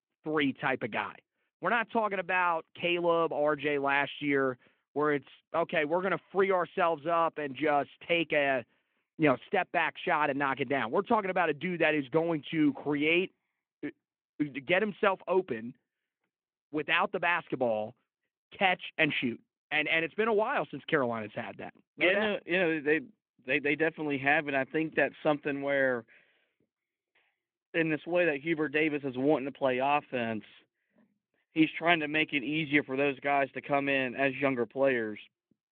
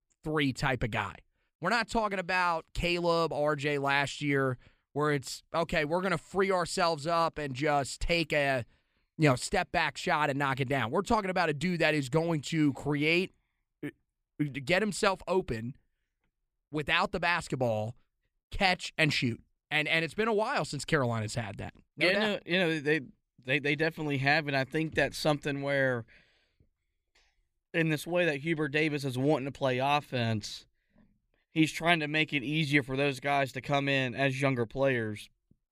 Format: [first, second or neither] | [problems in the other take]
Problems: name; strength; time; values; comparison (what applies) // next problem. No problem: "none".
second | phone-call audio